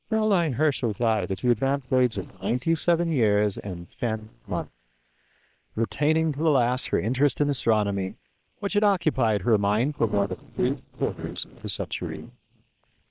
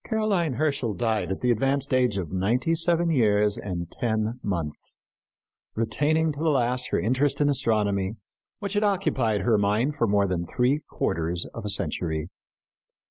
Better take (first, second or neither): second